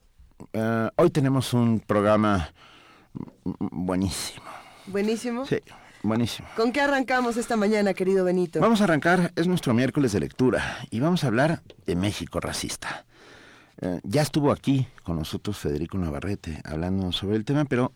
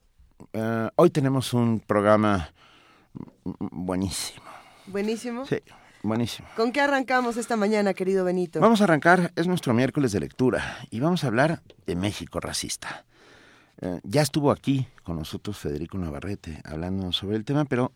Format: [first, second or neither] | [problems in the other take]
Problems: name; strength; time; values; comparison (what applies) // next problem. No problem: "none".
second | distortion; slight; 10 dB below the speech